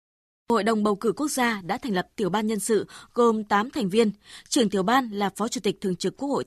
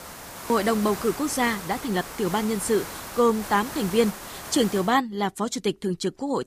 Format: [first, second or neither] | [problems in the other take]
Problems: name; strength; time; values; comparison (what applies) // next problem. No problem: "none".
first | hiss; noticeable; until 5 s; 10 dB below the speech